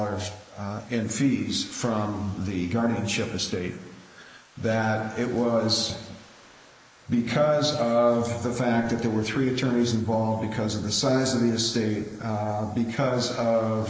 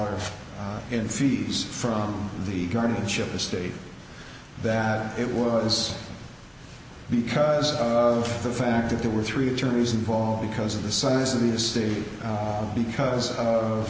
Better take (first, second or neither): second